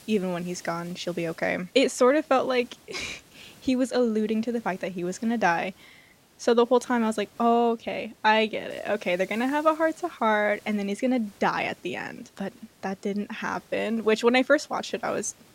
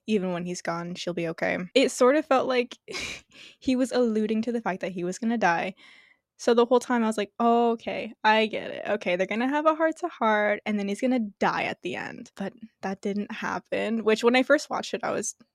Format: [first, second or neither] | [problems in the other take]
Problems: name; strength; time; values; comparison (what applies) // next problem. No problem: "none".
second | hiss; faint; throughout; 25 dB below the speech